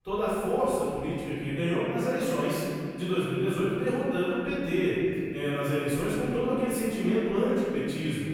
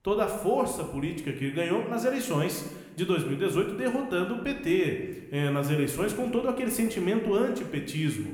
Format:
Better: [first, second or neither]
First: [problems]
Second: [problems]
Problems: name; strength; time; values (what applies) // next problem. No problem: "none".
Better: second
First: room echo; strong; dies away in 2.5 s // off-mic speech; far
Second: room echo; slight; dies away in 0.9 s